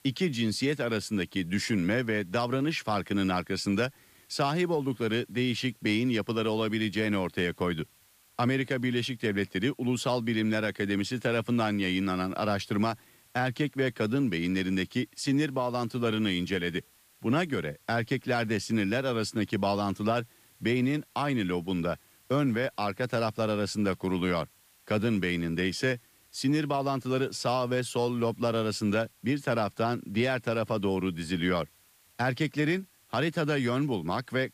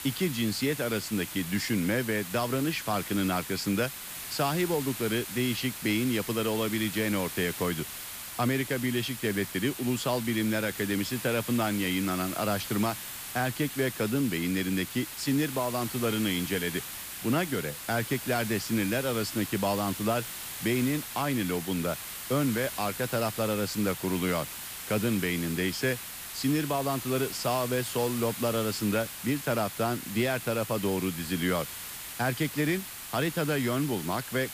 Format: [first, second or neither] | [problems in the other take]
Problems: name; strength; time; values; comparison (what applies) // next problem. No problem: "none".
first | hiss; loud; throughout; 7 dB below the speech; faint in the first